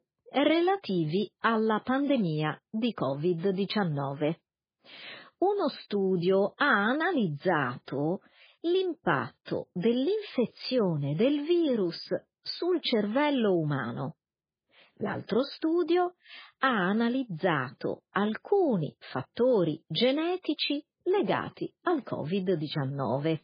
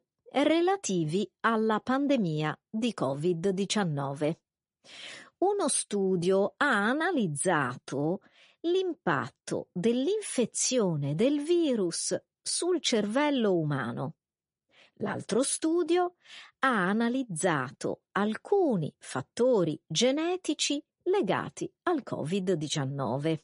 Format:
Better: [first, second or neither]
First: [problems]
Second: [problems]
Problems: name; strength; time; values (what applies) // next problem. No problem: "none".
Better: second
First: garbled, watery; badly; nothing above 4.5 kHz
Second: garbled, watery; slightly; nothing above 10.5 kHz